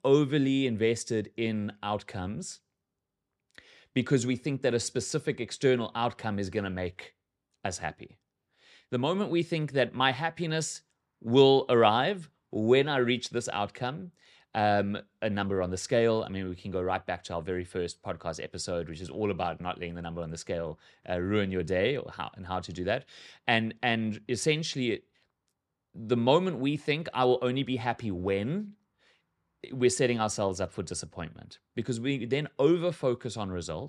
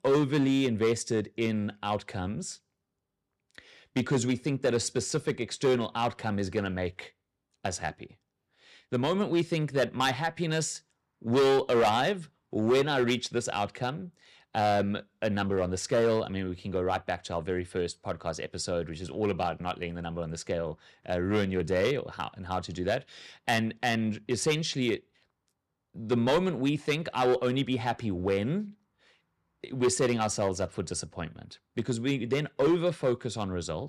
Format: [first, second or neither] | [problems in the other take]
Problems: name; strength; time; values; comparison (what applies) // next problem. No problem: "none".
first | distortion; slight; 3% of the sound clipped